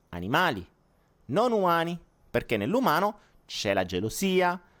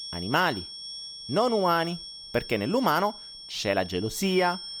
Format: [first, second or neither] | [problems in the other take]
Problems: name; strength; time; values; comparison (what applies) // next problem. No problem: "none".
first | high-pitched whine; noticeable; throughout; 5.5 kHz, 10 dB below the speech